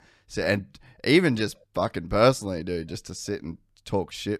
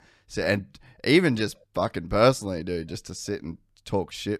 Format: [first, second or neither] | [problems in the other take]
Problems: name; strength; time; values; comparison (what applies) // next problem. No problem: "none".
neither | none